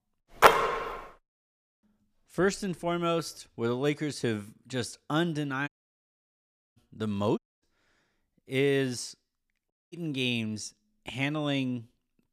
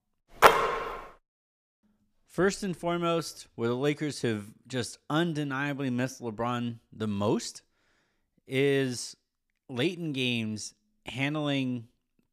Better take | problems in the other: second | audio cutting out; at 5.5 s for 1 s, at 7.5 s and at 9.5 s

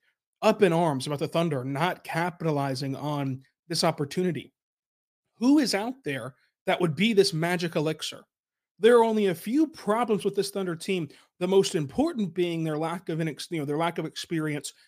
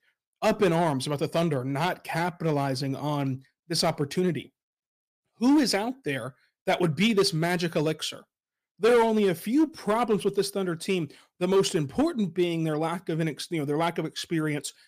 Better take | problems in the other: first | distortion; slight; 3% of the sound clipped

